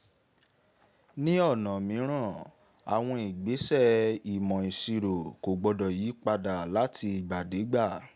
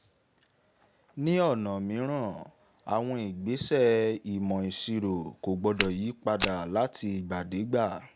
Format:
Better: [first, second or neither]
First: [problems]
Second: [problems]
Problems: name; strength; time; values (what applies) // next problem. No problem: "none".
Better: first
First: none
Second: background sound (Walk, footsteps); 6 dB below the speech